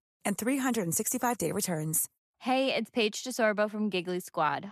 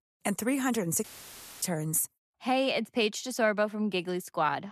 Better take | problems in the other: first | audio cutting out; filled with static; at 1 s for 0.5 s

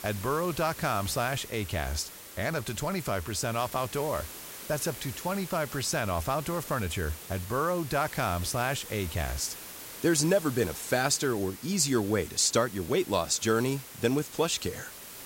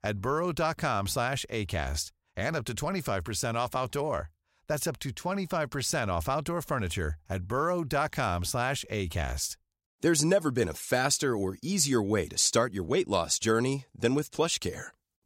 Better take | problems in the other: second | hiss; noticeable; throughout; 10 dB below the speech

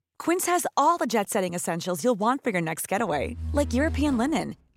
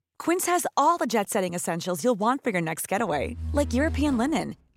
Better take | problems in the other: neither | door banging; noticeable; from 3 s on; peak 7 dB below the speech; the same in both

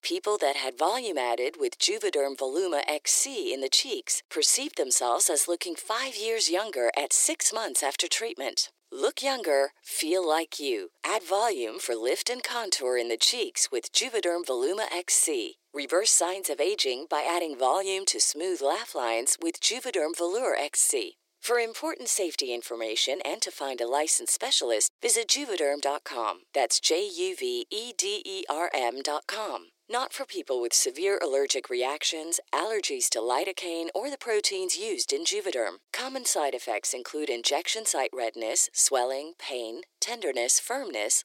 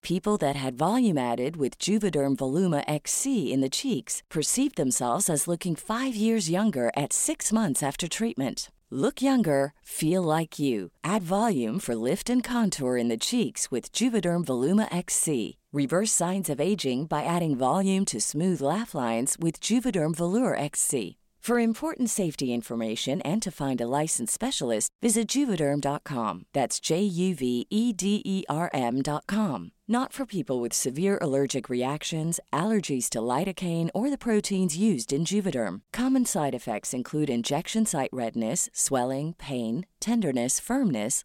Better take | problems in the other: second | thin; very; fading below 350 Hz

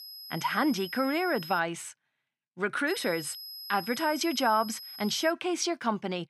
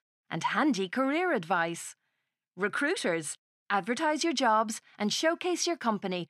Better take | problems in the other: second | high-pitched whine; noticeable; until 1.5 s and from 3 to 5.5 s; 5 kHz, 10 dB below the speech

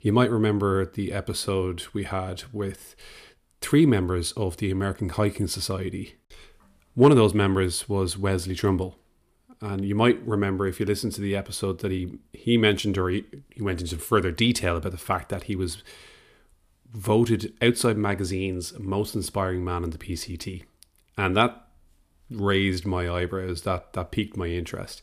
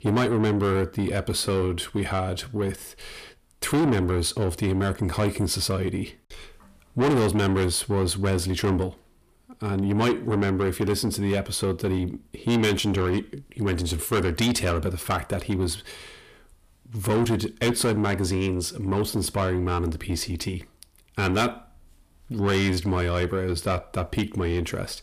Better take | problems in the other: first | distortion; heavy; 7 dB below the speech

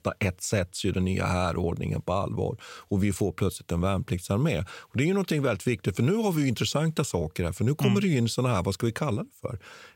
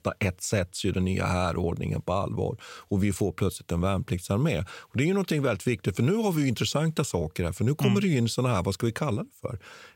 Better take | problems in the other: neither | none

